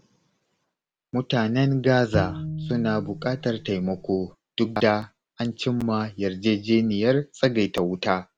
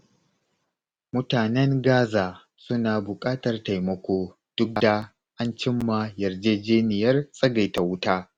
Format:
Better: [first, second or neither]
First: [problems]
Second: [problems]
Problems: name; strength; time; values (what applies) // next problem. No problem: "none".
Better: second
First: background sound (Bowed string instrument); 8 dB below the speech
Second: none